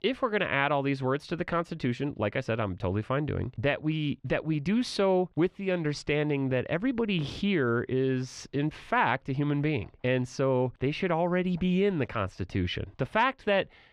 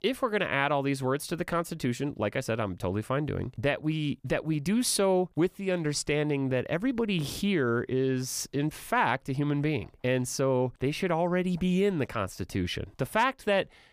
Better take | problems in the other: second | muffled; very slightly; fading above 3 kHz

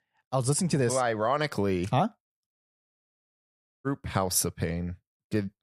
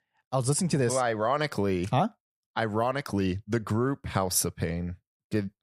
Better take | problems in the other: second | audio cutting out; at 2.5 s for 1.5 s

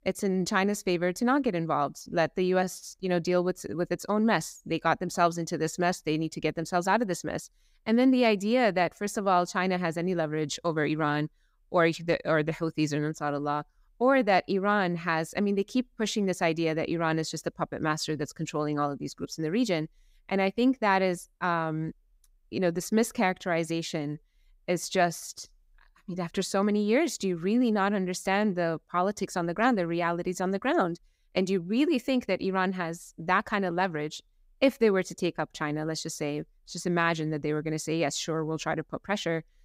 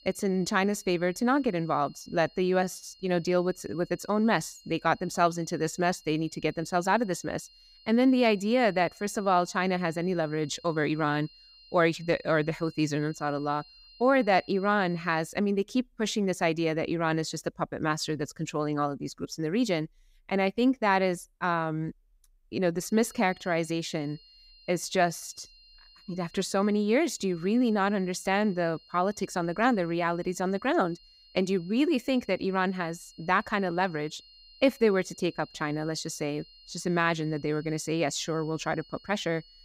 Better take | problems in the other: first | high-pitched whine; faint; until 15 s and from 23 s on; 4 kHz, 25 dB below the speech

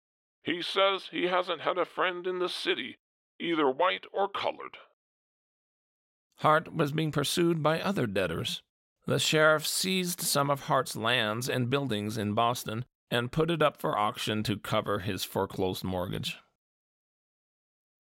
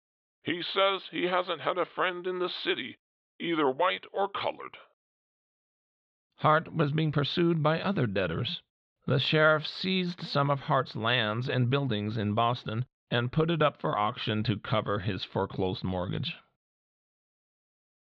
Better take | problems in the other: first | muffled; very slightly; fading above 4 kHz

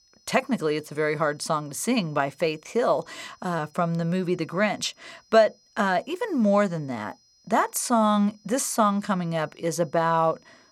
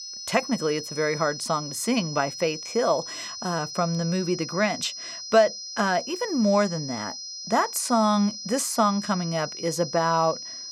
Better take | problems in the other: first | high-pitched whine; loud; throughout; 5 kHz, 9 dB below the speech; faint in the first

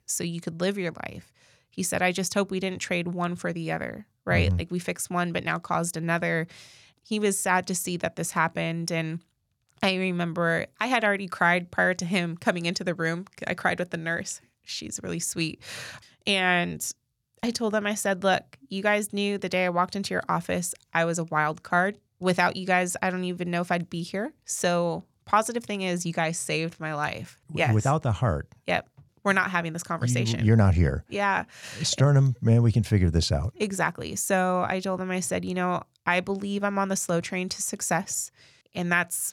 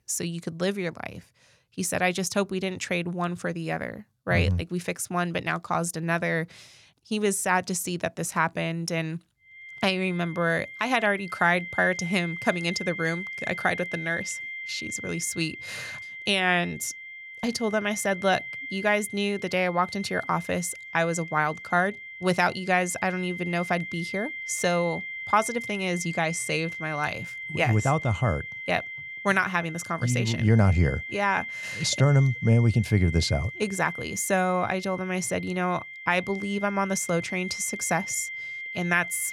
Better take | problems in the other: first | high-pitched whine; loud; from 9.5 s on; 2 kHz, 9 dB below the speech

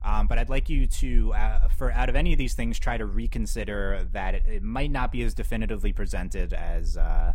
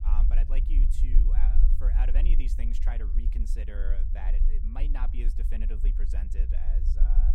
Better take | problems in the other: first | low rumble; loud; throughout; 5 dB below the speech; faint in the first

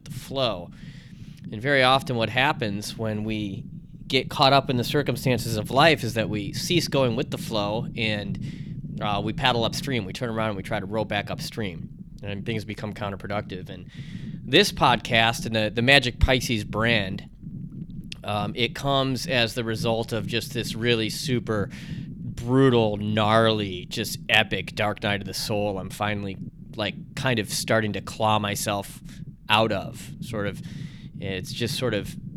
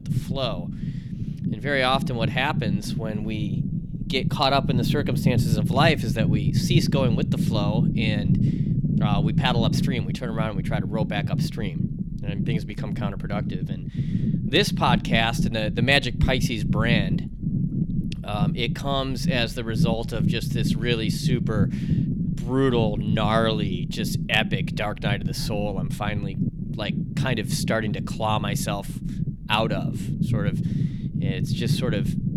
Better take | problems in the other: first | low rumble; loud; throughout; 9 dB below the speech; faint in the first

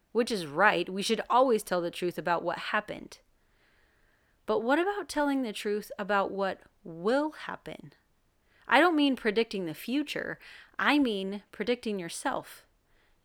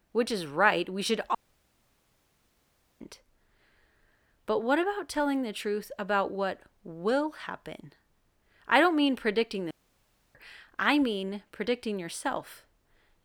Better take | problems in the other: first | audio cutting out; at 1.5 s for 1.5 s and at 9.5 s for 0.5 s

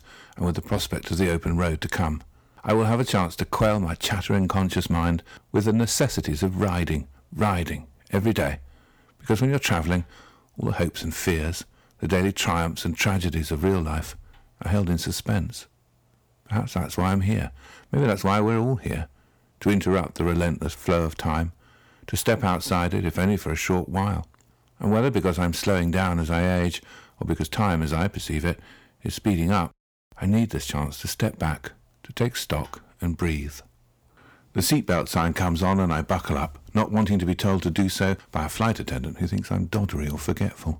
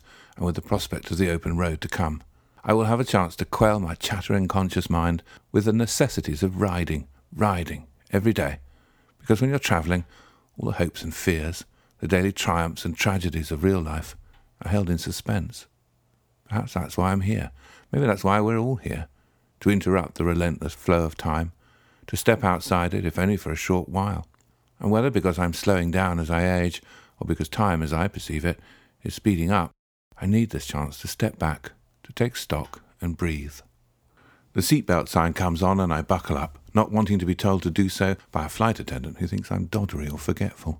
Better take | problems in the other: second | distortion; slight; 10 dB below the speech

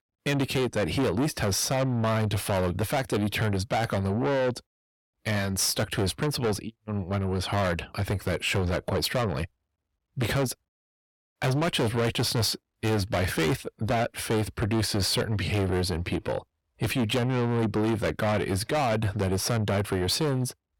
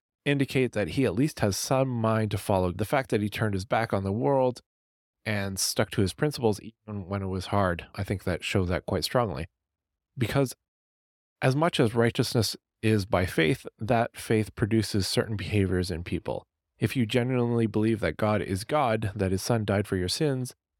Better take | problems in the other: second | distortion; heavy; 5 dB below the speech

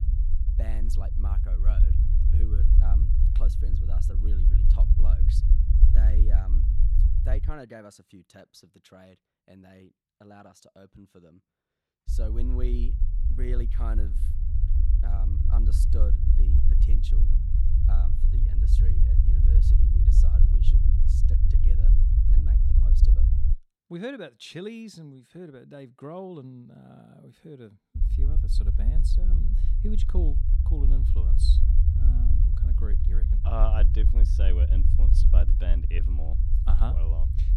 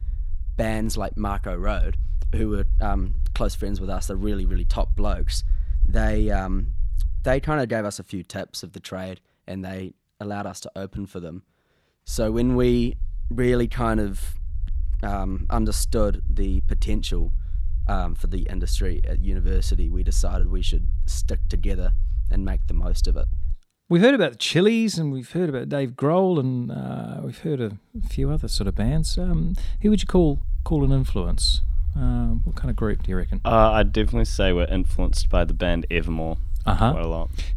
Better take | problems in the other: second | low rumble; loud; until 7.5 s, from 12 to 24 s and from 28 s on; 1 dB below the speech; faint in the second

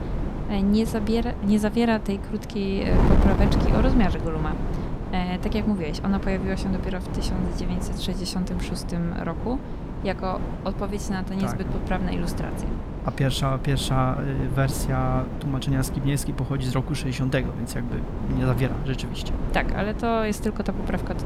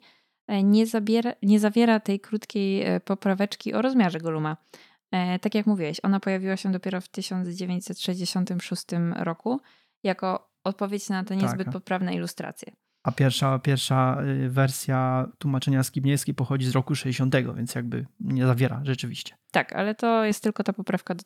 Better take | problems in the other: second | wind noise on the microphone; heavy; 6 dB below the speech

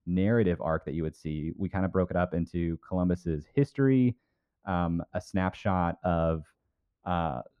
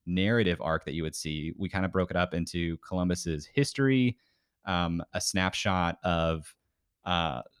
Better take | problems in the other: second | muffled; very; fading above 2 kHz

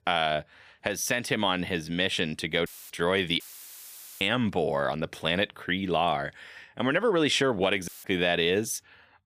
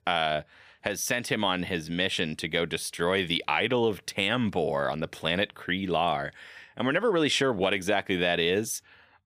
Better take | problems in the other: second | audio cutting out; filled with static; at 2.5 s, at 3.5 s for 1 s and at 8 s

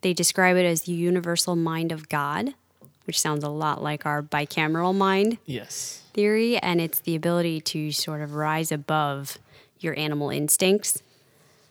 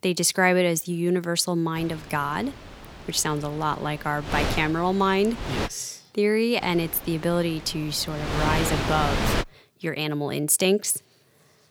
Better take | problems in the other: first | wind noise on the microphone; heavy; from 2 to 5.5 s and from 6.5 to 9.5 s; 5 dB below the speech

